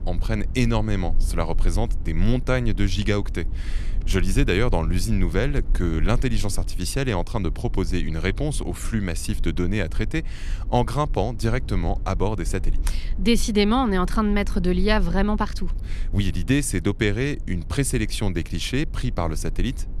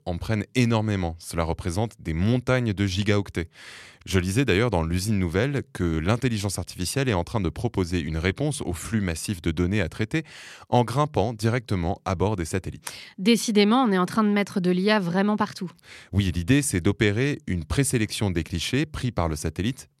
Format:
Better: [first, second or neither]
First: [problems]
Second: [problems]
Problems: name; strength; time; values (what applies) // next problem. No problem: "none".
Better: second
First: low rumble; faint; throughout; 20 dB below the speech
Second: none